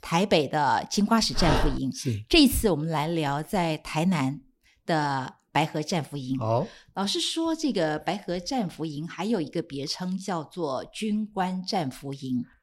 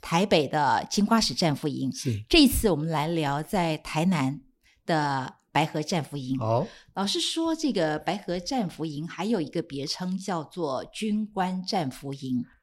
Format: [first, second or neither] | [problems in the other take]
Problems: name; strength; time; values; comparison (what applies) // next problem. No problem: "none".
second | dog barking; loud; at 1.5 s; peak level with the speech